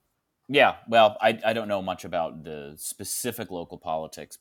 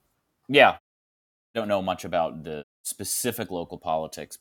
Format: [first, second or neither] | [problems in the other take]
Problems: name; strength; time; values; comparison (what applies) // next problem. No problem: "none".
first | audio cutting out; at 1 s for 0.5 s and at 2.5 s